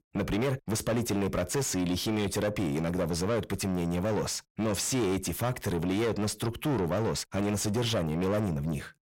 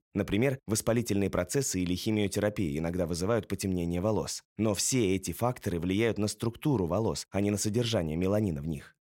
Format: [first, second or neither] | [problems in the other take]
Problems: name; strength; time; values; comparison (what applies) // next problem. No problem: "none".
second | distortion; heavy; 6 dB below the speech